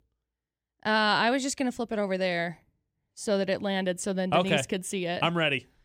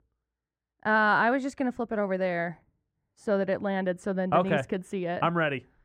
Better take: first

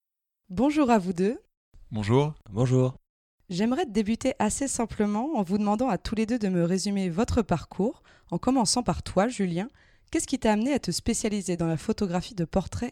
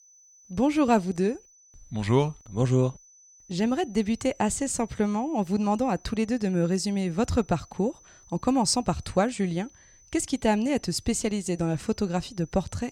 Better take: first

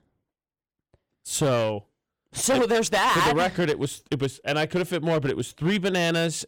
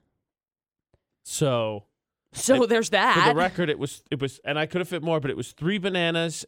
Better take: second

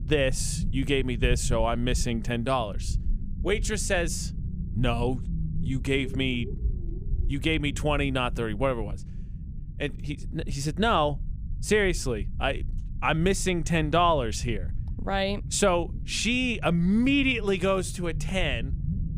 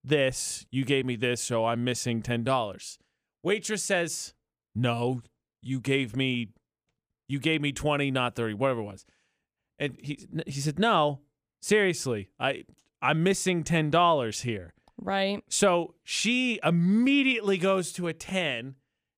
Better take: second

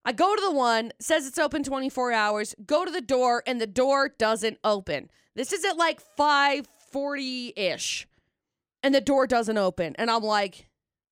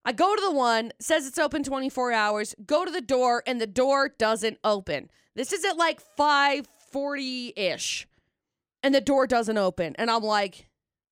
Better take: neither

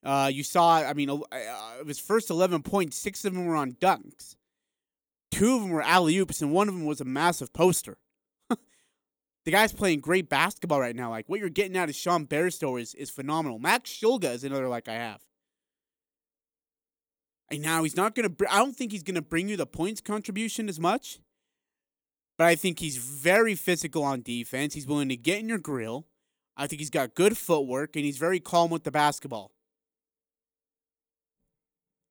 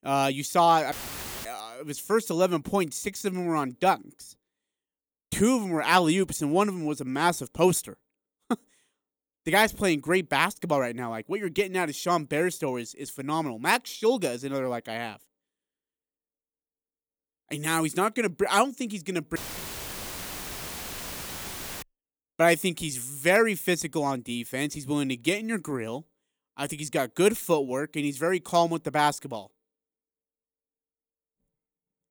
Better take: first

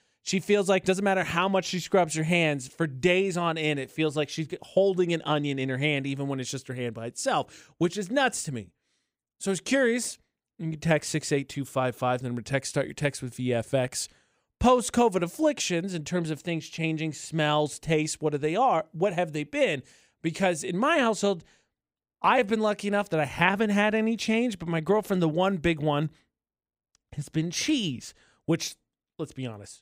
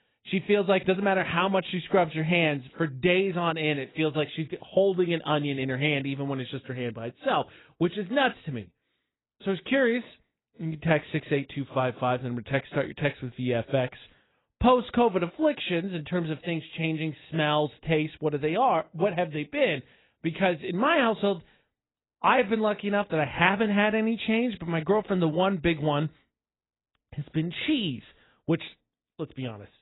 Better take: first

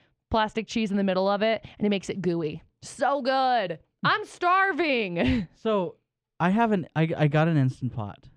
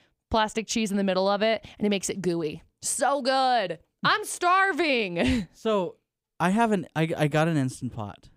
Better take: second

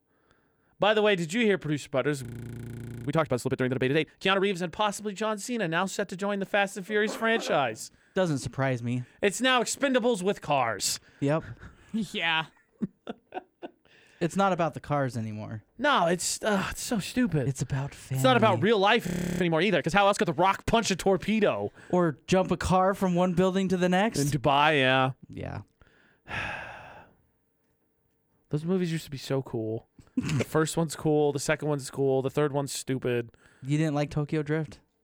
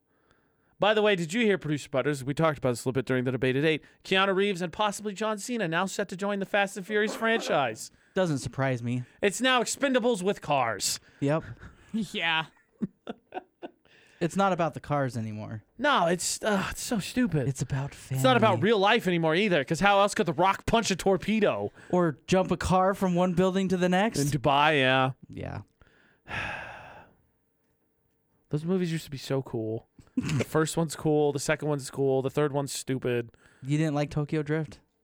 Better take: second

